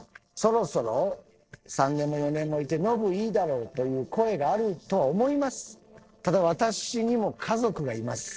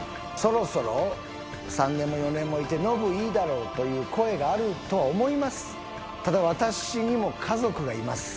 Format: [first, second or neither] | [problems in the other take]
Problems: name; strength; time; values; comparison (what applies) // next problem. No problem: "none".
second | noise reduction (neural separator model SepFormer DNS4)